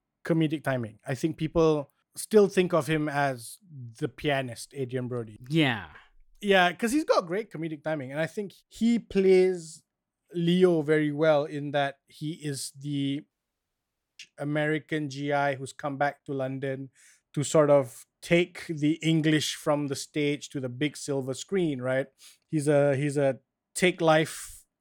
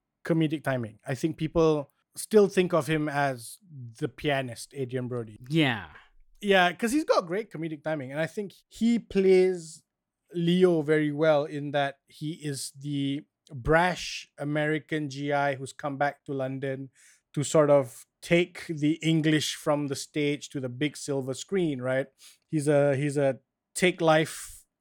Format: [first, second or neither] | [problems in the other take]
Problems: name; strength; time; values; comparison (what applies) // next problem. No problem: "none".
second | audio cutting out; at 13 s for 1 s